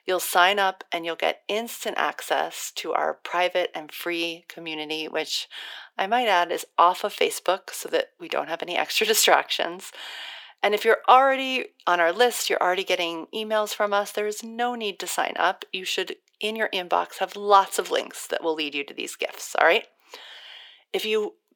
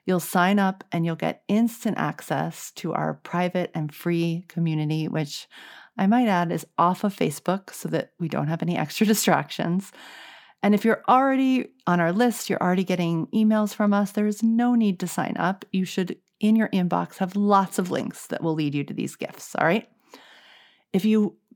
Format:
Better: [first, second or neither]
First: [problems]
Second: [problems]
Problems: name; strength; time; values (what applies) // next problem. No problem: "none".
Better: second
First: thin; very; fading below 450 Hz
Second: none